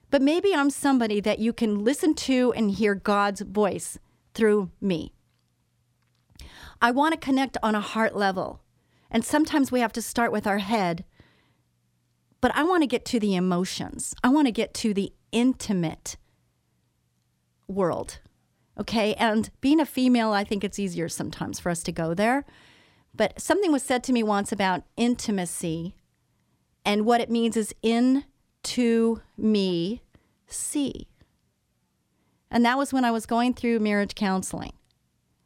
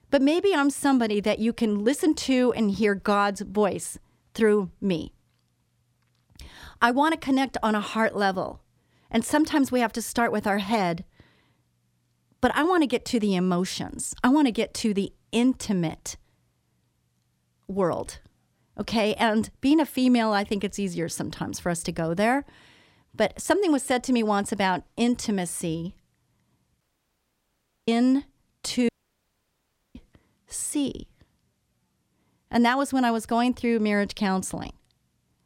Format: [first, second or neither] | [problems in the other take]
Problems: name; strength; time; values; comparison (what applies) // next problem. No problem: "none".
first | audio cutting out; at 27 s for 1 s and at 29 s for 1 s